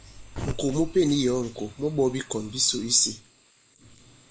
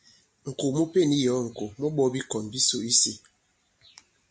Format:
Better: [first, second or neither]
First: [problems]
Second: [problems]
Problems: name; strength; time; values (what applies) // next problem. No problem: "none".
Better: second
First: noise reduction (neural mask model Resemble Enhance denoiser)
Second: none